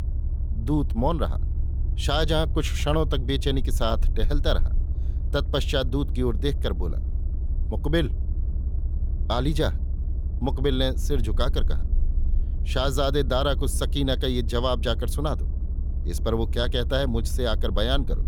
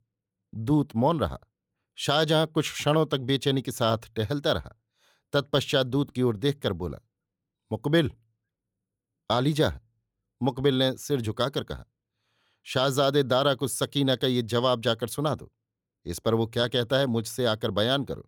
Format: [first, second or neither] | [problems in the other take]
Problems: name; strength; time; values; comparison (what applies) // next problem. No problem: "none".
second | low rumble; noticeable; throughout; 20 dB below the speech